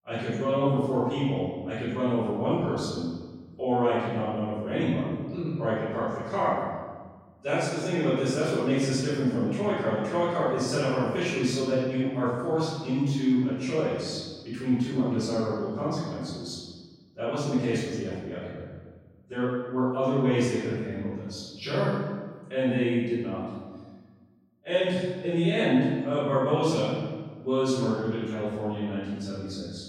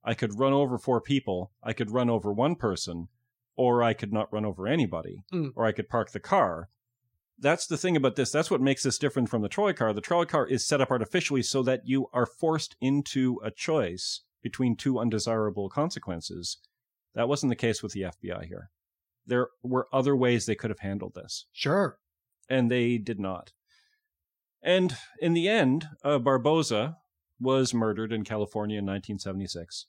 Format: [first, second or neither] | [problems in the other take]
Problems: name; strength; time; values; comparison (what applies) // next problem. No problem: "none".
second | off-mic speech; far // room echo; strong; dies away in 1.4 s